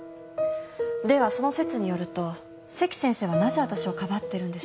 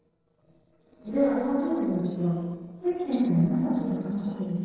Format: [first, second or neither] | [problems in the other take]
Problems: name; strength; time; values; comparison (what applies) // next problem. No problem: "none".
first | noise reduction (neural separator model SepFormer DNS4)